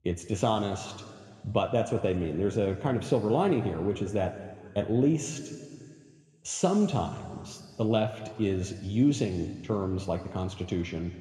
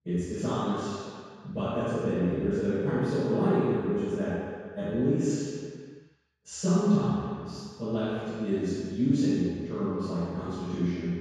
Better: first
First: room echo; slight; dies away in 2.1 s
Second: room echo; strong; dies away in 1.8 s // off-mic speech; far

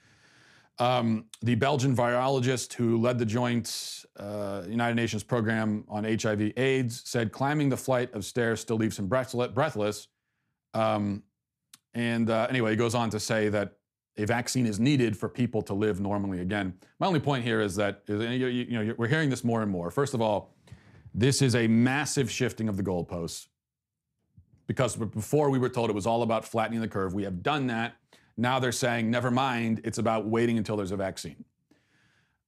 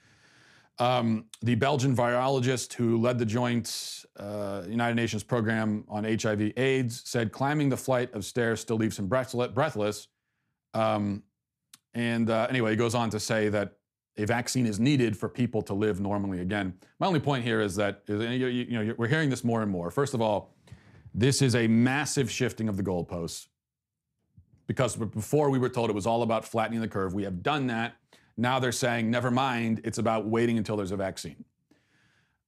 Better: neither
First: none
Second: none

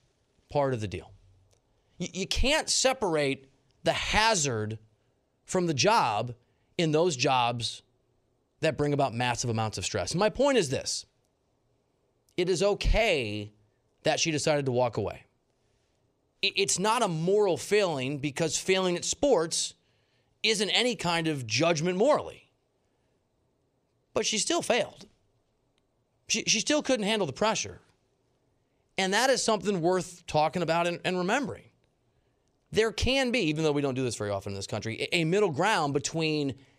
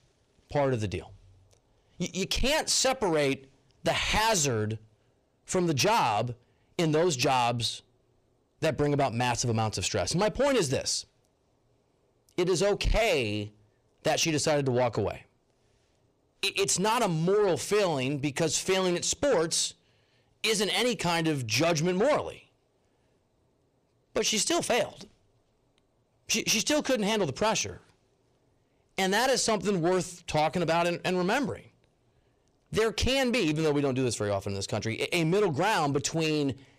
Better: first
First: none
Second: distortion; slight; 10 dB below the speech

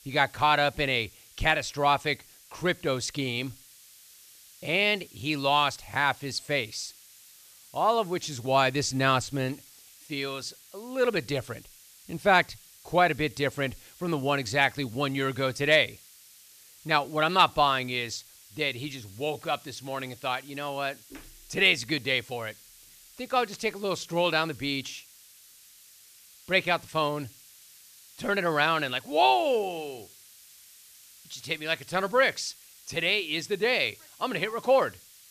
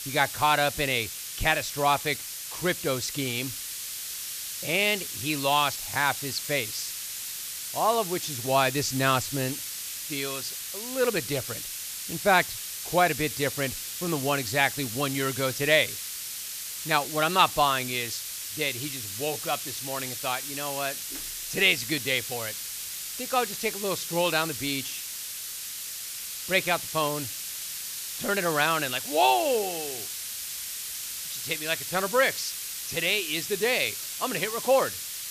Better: first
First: hiss; faint; throughout; 25 dB below the speech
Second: hiss; loud; throughout; 6 dB below the speech

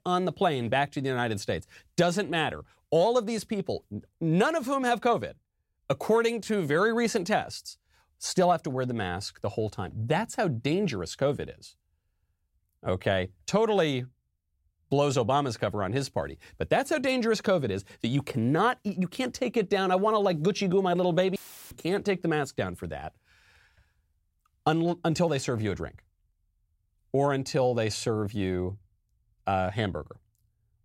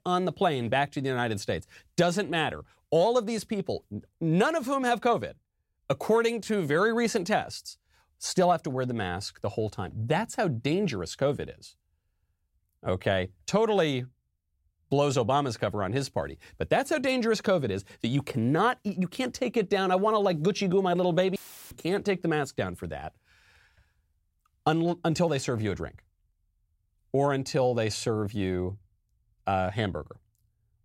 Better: neither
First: audio cutting out; filled with static; at 21 s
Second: audio cutting out; filled with static; at 21 s

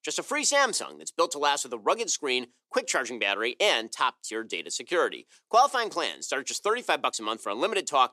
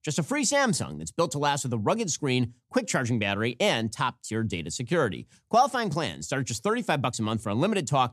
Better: second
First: thin; very; fading below 350 Hz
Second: none

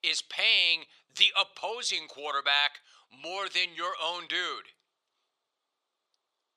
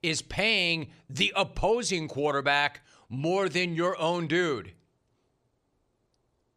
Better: second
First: thin; very; fading below 700 Hz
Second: none

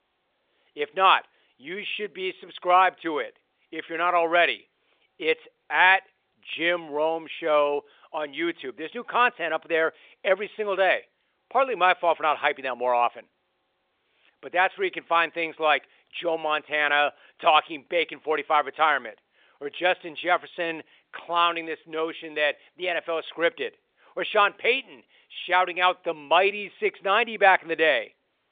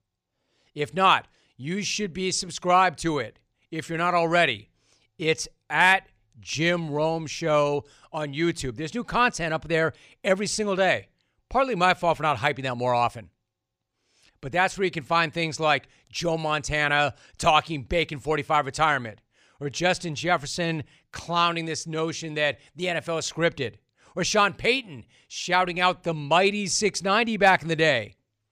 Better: second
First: phone-call audio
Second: none

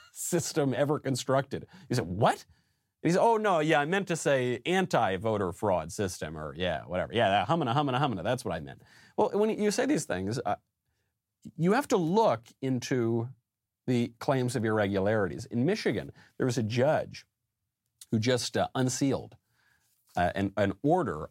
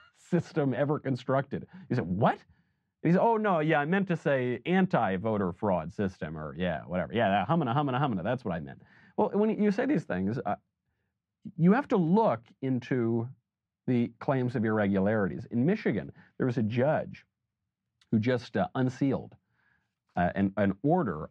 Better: first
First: none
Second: muffled; very; fading above 2 kHz

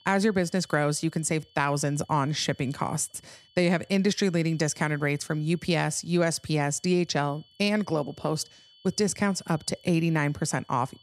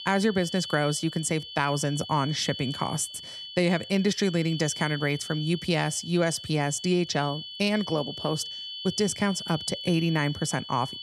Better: first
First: high-pitched whine; faint; throughout; 3 kHz, 30 dB below the speech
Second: high-pitched whine; loud; throughout; 3 kHz, 9 dB below the speech

